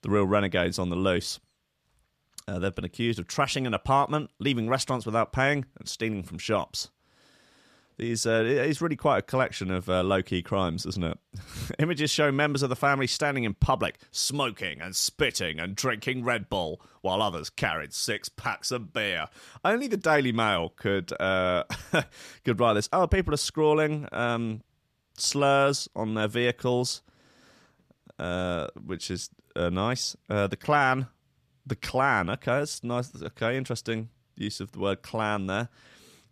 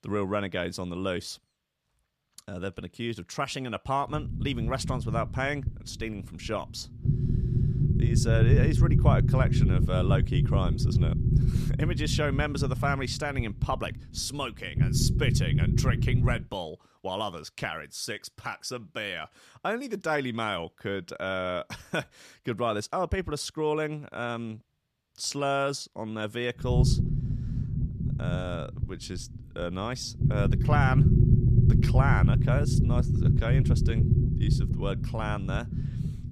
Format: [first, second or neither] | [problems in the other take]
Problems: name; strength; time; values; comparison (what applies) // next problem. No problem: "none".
first | low rumble; loud; from 4 to 16 s and from 27 s on; 5 dB below the speech